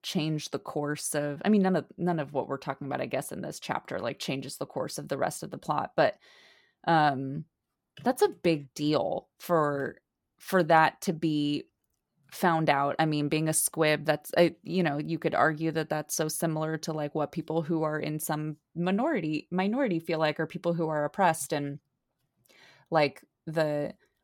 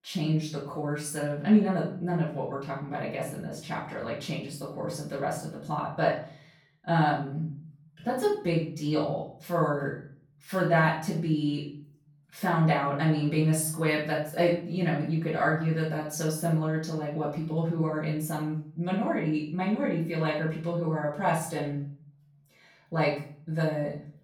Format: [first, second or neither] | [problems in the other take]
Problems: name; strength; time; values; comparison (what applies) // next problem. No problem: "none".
first | off-mic speech; far // room echo; noticeable; dies away in 0.5 s